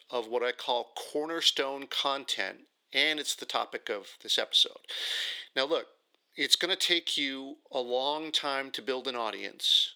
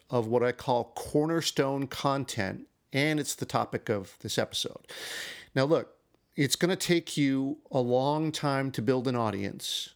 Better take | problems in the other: second | thin; somewhat; fading below 350 Hz

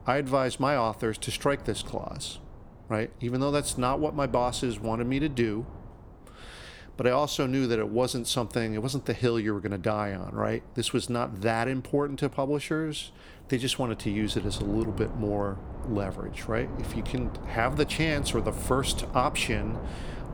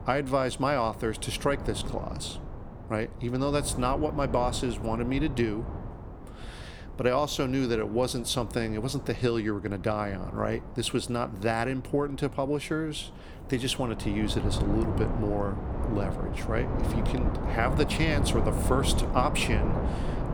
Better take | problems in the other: first | wind noise on the microphone; heavy; 9 dB below the speech; occasional gusts in the first

